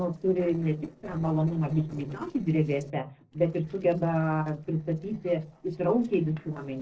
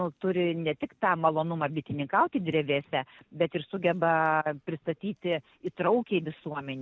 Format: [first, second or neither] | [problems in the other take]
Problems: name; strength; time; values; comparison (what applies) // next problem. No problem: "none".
second | noise reduction (neural separator model SepFormer DNS4)